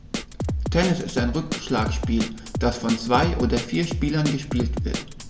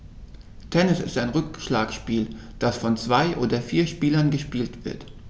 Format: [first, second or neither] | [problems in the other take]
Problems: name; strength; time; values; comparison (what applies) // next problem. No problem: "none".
second | background sound (Drum kit); 3 dB below the speech // room echo; dies away in 1.4 s